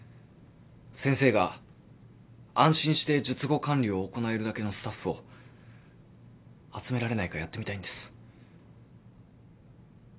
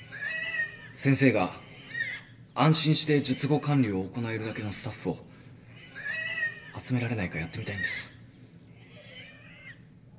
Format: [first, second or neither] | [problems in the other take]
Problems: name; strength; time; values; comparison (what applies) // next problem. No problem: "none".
first | background sound (Livestock, farm animals, working animals); 10 dB below the speech // room echo; dies away in 2.8 s